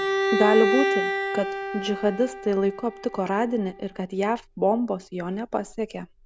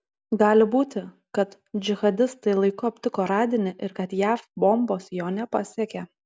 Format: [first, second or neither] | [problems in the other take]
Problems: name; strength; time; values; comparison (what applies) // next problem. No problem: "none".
second | background sound (Bowed string instrument); 3 dB below the speech